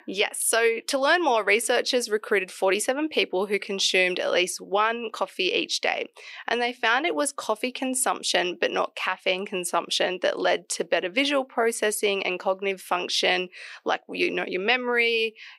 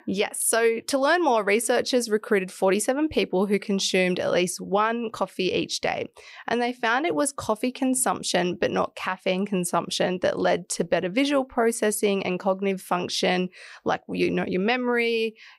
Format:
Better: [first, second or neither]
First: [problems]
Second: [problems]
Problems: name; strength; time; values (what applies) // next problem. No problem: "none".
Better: second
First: thin; very slightly; fading below 300 Hz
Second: none